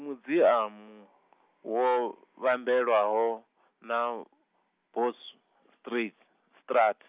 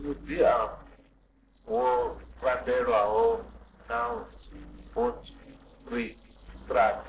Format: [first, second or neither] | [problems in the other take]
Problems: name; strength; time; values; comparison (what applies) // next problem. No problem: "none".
first | noise reduction (neural separator model SepFormer DNS4)